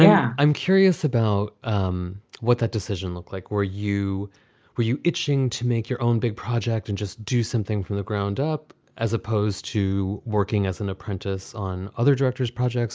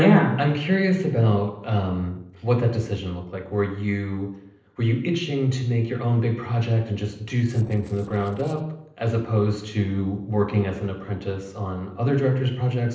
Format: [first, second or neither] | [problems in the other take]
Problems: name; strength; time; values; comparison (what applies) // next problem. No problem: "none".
first | noise reduction (neural separator model SepFormer DNS4)